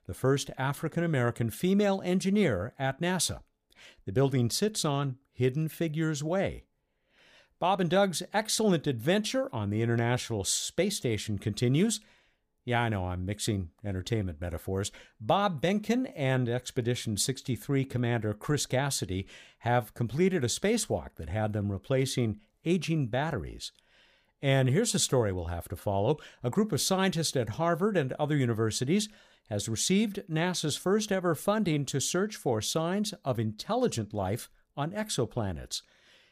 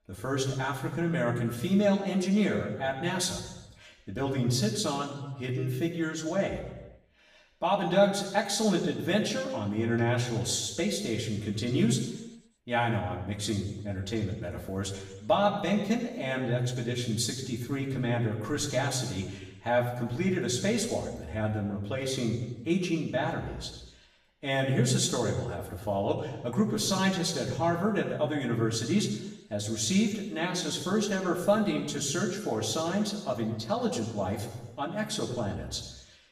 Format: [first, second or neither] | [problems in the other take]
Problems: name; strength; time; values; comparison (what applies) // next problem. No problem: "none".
first | room echo; noticeable; dies away in 1 s // off-mic speech; far